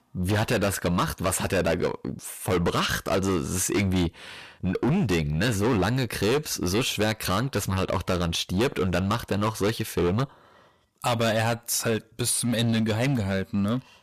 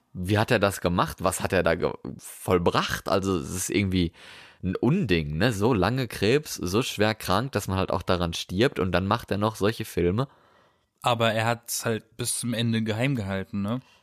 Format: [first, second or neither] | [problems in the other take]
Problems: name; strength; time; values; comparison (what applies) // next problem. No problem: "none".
second | distortion; heavy; 14% of the sound clipped